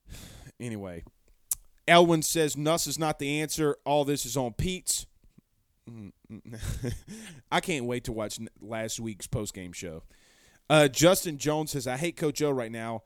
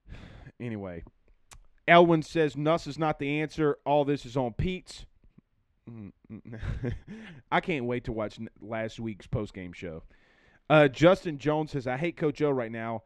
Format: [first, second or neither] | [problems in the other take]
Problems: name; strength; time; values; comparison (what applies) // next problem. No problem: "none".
first | muffled; very; fading above 2 kHz